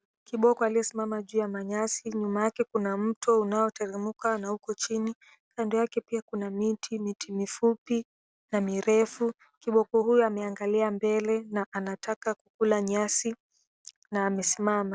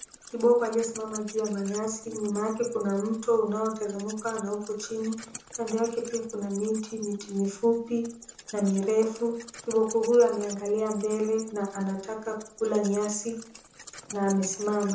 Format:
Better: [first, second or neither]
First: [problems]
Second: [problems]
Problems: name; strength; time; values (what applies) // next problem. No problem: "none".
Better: first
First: none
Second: background sound (Wild animals); 17 dB below the speech // room echo; dies away in 0.5 s